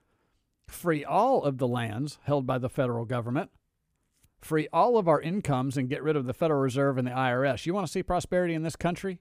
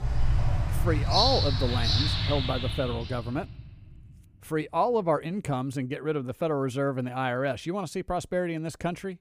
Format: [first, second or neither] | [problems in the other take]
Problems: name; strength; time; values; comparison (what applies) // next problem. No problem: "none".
first | animal sounds; very loud; until 2.5 s; 2 dB above the speech